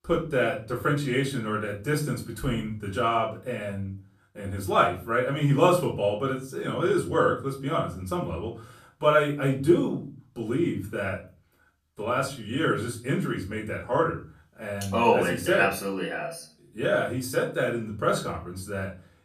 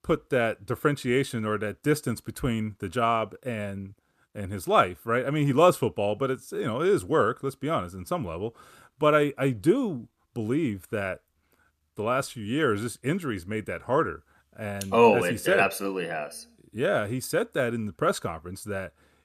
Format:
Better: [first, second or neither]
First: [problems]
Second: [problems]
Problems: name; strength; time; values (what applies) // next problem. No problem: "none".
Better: second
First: off-mic speech; far // room echo; slight; dies away in 0.3 s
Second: none